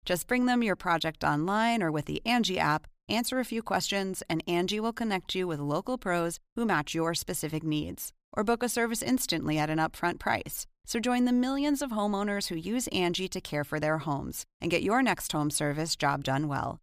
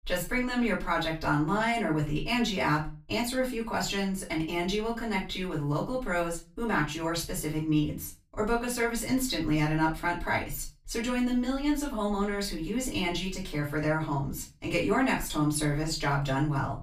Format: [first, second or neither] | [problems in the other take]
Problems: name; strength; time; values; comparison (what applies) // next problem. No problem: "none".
first | off-mic speech; far // room echo; slight; dies away in 0.3 s